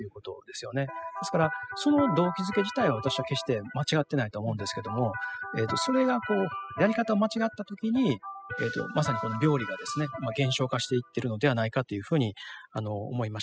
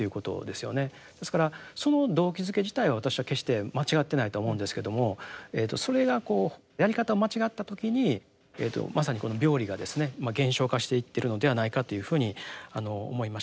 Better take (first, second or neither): second